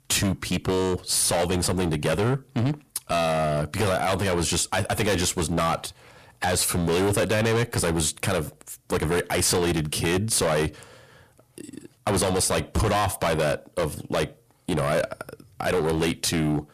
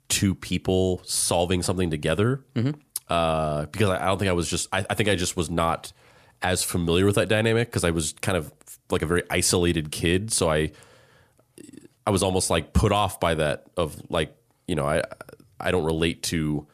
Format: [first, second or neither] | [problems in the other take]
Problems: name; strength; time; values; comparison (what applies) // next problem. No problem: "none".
second | distortion; heavy; 17% of the sound clipped